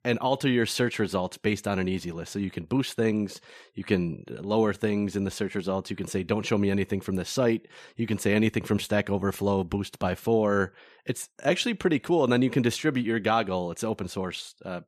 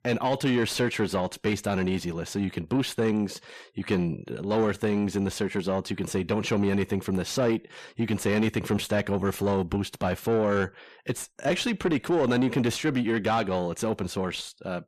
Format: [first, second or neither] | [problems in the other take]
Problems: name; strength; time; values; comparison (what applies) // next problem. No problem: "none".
first | distortion; slight; 10 dB below the speech